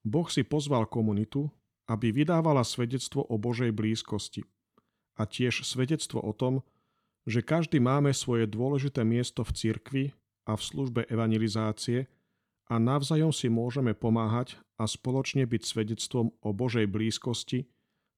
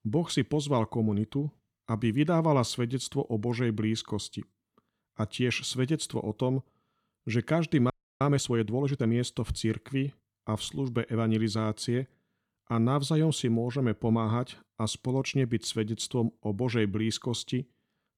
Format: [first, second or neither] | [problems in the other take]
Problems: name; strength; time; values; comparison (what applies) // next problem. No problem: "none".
first | audio freezing; at 8 s